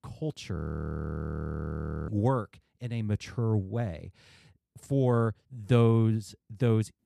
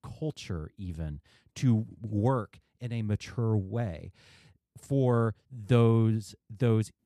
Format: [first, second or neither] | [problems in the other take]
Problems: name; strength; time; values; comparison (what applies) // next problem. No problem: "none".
second | audio freezing; at 0.5 s for 1.5 s